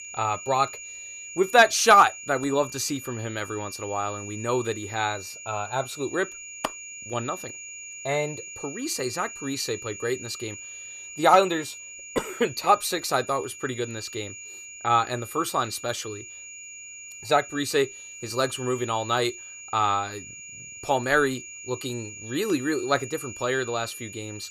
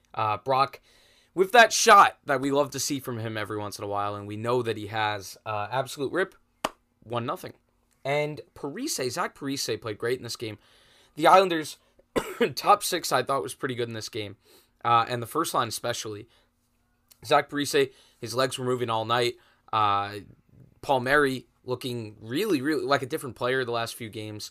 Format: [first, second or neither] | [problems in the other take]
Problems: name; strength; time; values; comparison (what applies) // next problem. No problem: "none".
second | high-pitched whine; noticeable; throughout; 7 kHz, 10 dB below the speech